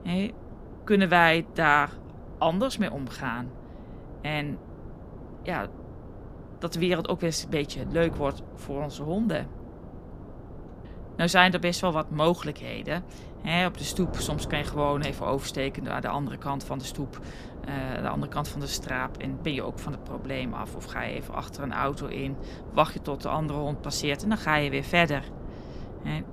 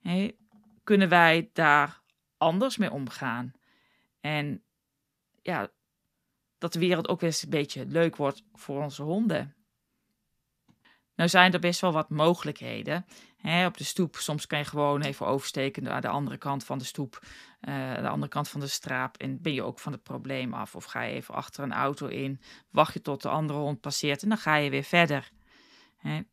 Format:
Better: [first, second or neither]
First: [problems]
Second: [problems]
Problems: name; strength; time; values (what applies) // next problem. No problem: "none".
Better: second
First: wind noise on the microphone; occasional gusts; 20 dB below the speech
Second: none